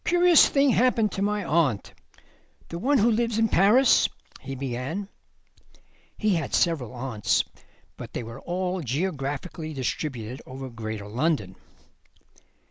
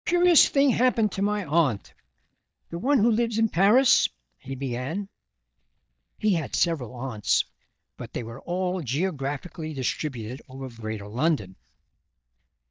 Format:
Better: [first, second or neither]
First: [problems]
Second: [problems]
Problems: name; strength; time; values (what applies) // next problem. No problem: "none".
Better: first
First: none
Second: noise reduction (neural mask model DeepFilterNet 3)